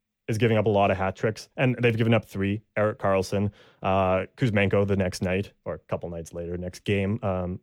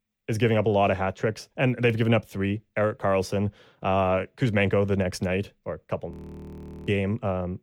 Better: first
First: none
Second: audio freezing; at 6 s for 1 s

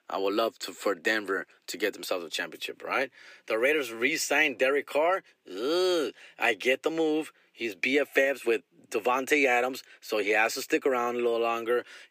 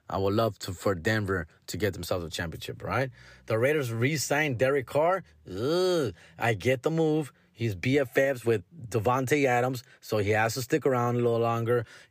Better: second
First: thin; somewhat; fading below 300 Hz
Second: none

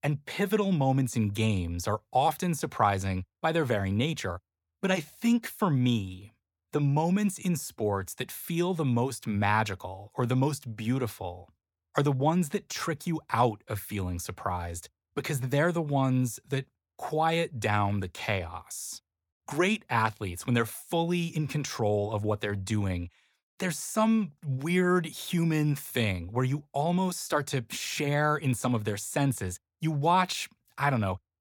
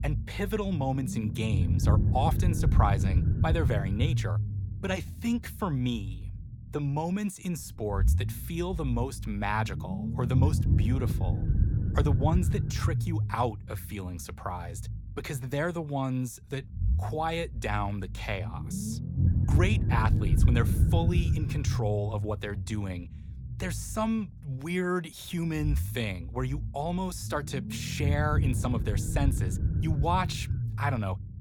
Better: first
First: none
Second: low rumble; loud; throughout; 8 dB below the speech

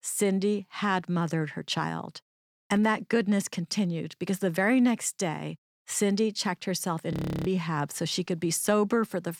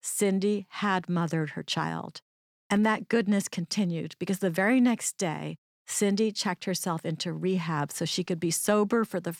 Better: second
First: audio freezing; at 7 s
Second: none

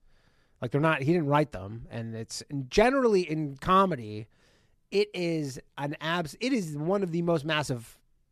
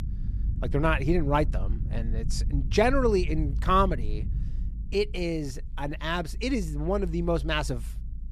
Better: first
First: none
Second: low rumble; faint; throughout; 20 dB below the speech

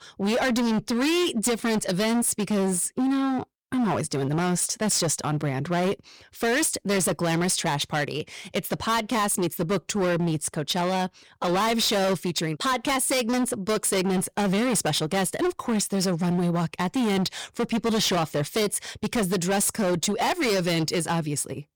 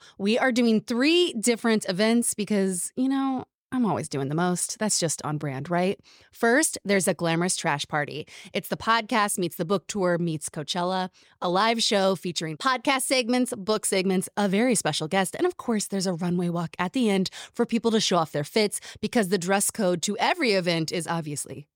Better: second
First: distortion; heavy; 24% of the sound clipped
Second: none

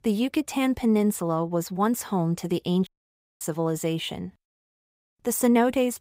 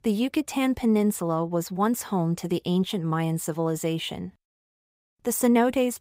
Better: second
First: audio cutting out; at 3 s for 0.5 s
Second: none

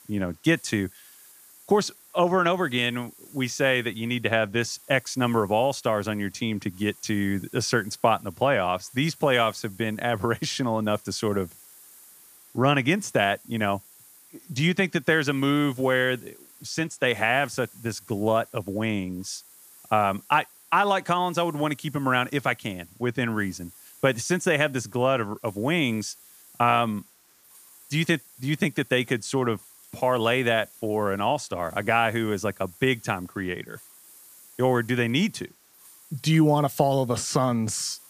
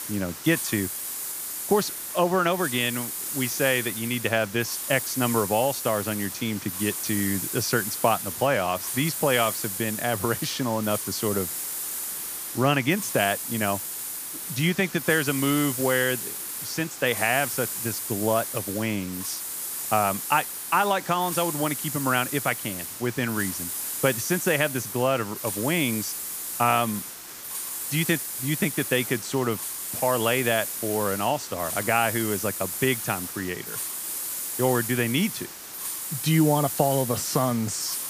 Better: first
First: hiss; faint; throughout; 25 dB below the speech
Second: hiss; loud; throughout; 4 dB below the speech

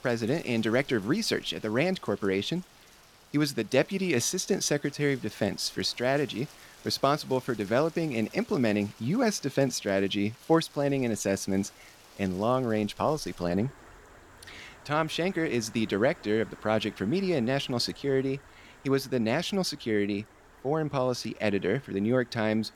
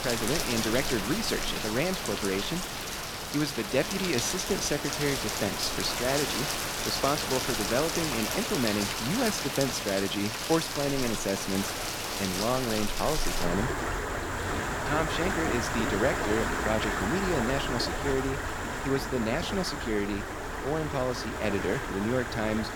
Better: first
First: rain or running water; faint; throughout; 25 dB below the speech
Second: rain or running water; loud; throughout; as loud as the speech

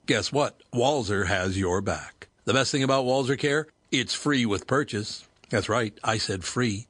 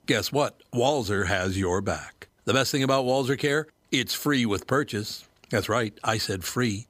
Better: second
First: garbled, watery; slightly; nothing above 8.5 kHz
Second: none

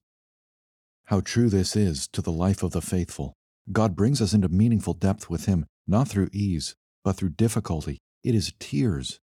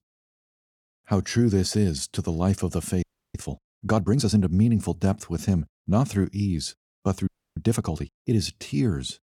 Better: first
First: none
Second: audio freezing; at 3 s and at 7.5 s

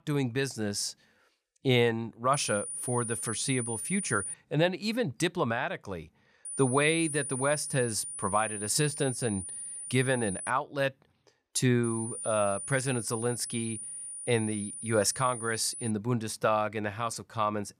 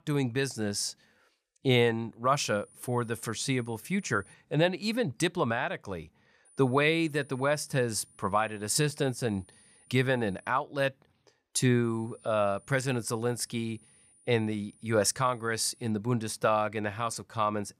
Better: second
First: high-pitched whine; loud; from 2.5 to 4.5 s, from 6.5 to 11 s and from 12 to 16 s; 9.5 kHz, 6 dB below the speech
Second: high-pitched whine; faint; from 2.5 to 4.5 s, from 6.5 to 11 s and from 12 to 16 s; 9.5 kHz, 30 dB below the speech

